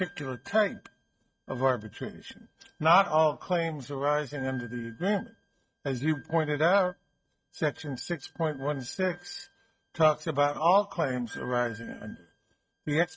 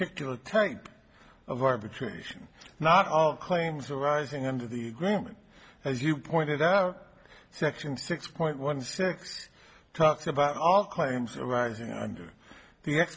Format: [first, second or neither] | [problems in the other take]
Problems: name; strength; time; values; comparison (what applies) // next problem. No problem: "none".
second | noise reduction (neural mask model RNNoise)